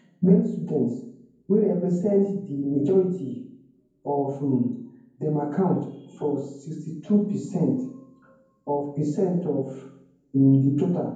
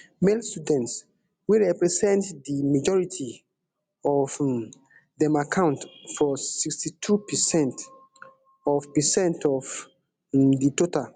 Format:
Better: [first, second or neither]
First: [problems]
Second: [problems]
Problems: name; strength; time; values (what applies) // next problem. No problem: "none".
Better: second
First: room echo; dies away in 0.9 s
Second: none